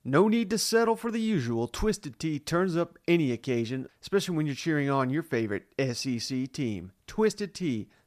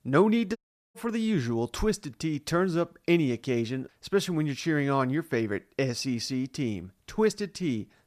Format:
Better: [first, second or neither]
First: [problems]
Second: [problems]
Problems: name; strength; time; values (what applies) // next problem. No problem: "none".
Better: first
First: none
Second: audio cutting out; at 0.5 s